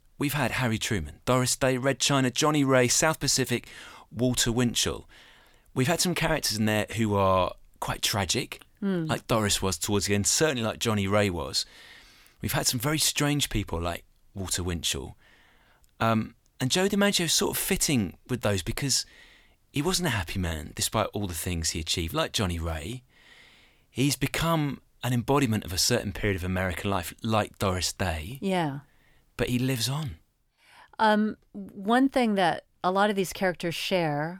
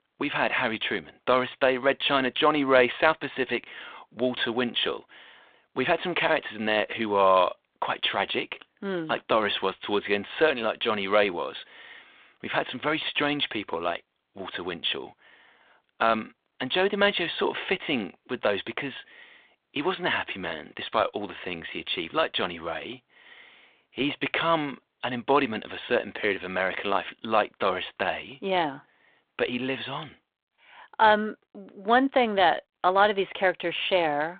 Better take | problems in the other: first | phone-call audio; nothing above 3.5 kHz

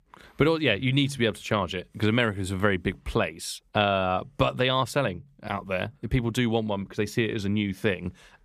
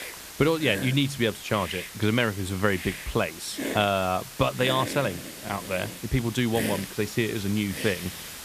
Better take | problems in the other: first | hiss; loud; throughout; 9 dB below the speech

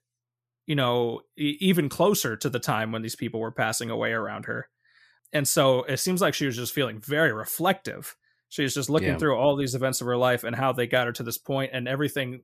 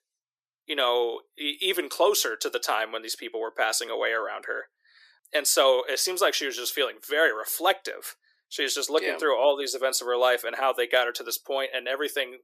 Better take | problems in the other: first | thin; very; fading below 350 Hz

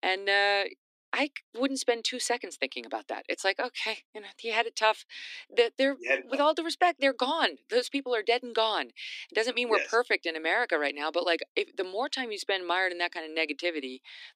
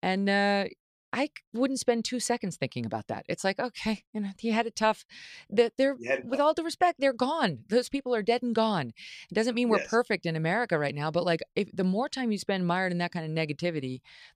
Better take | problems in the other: second | thin; somewhat; fading below 250 Hz

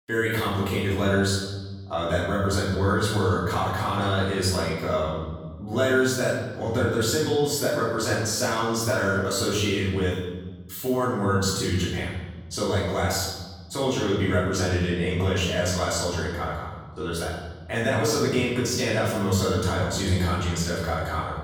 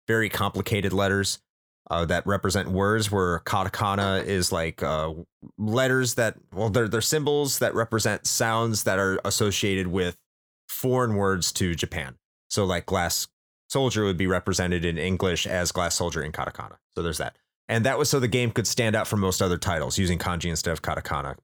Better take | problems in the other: second | room echo; noticeable; dies away in 1.2 s // off-mic speech; far

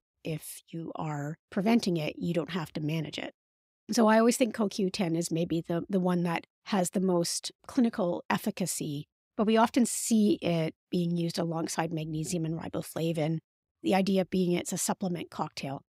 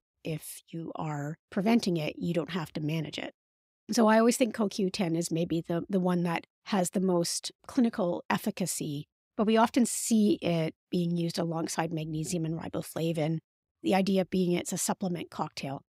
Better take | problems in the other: neither | none

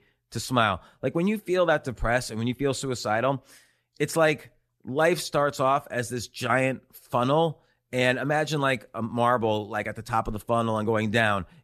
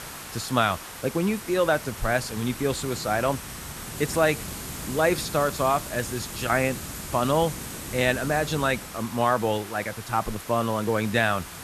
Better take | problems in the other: first | hiss; loud; throughout; 10 dB below the speech

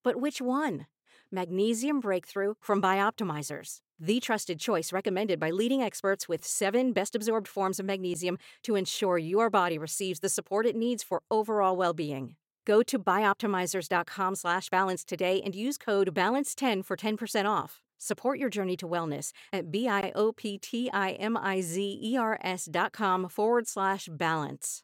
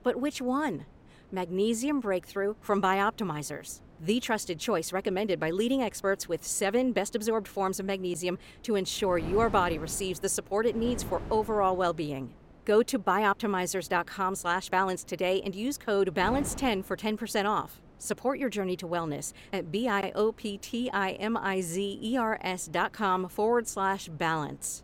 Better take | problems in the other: first | wind noise on the microphone; occasional gusts; 25 dB below the speech

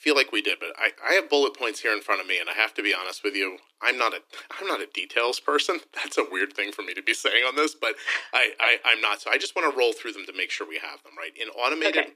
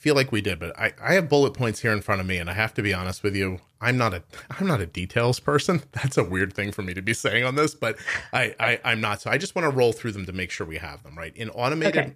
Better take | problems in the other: second | thin; somewhat; fading below 300 Hz

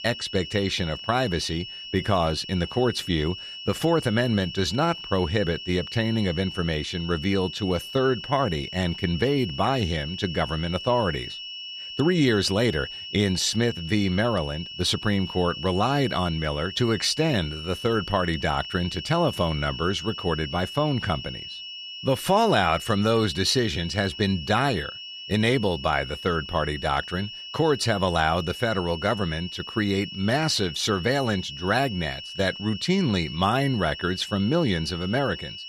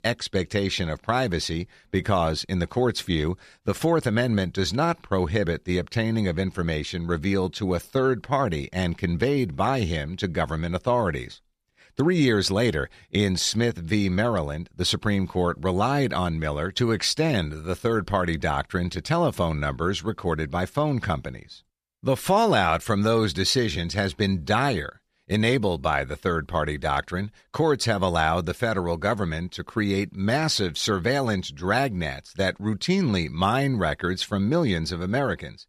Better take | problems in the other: second | high-pitched whine; loud; throughout; 3 kHz, 10 dB below the speech

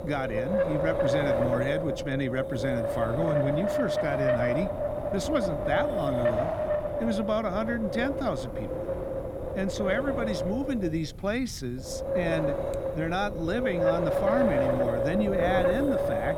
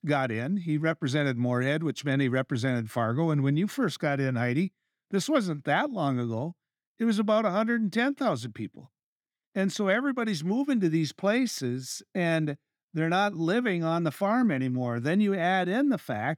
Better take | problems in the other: second | wind noise on the microphone; heavy; 4 dB above the speech

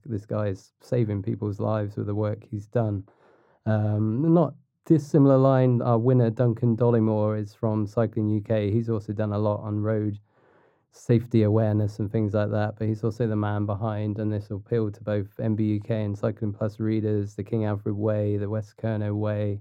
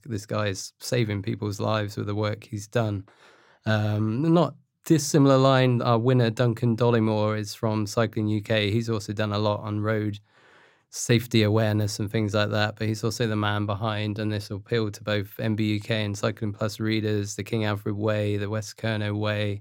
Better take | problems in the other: second | muffled; very; fading above 1.5 kHz

